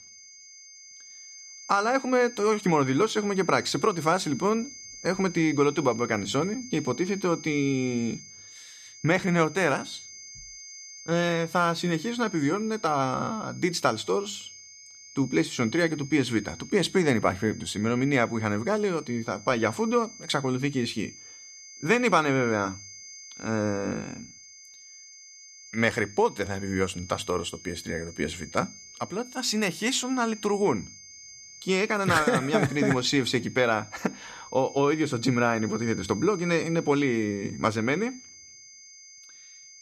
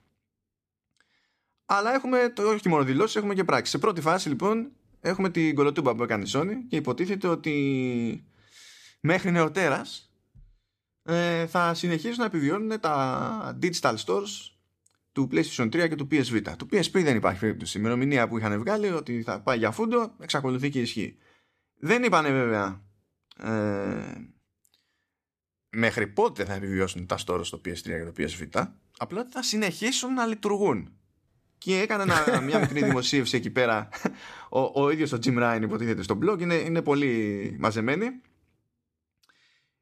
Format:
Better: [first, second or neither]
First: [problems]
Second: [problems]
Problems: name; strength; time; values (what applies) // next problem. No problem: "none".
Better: second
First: high-pitched whine; noticeable; throughout; 6.5 kHz, 15 dB below the speech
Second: none